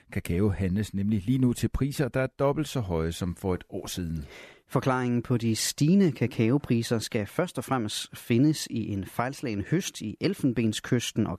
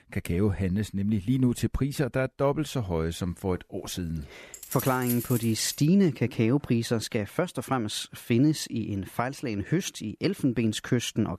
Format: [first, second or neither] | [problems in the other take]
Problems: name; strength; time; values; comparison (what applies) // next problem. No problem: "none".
first | jangling keys; noticeable; from 4.5 to 6 s; peak 6 dB below the speech